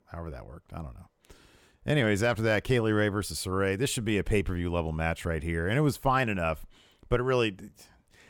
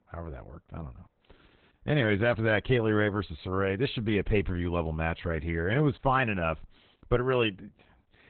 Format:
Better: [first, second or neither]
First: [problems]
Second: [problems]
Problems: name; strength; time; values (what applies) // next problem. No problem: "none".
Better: first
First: none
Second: garbled, watery; badly; nothing above 3.5 kHz